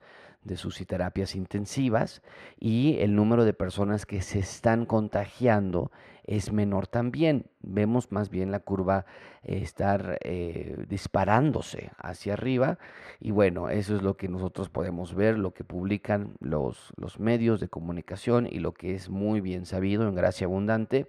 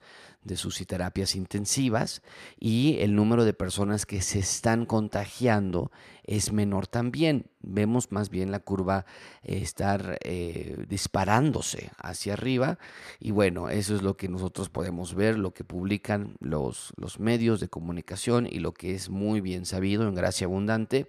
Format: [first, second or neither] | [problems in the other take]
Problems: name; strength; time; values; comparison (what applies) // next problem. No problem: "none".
second | muffled; slightly; fading above 4 kHz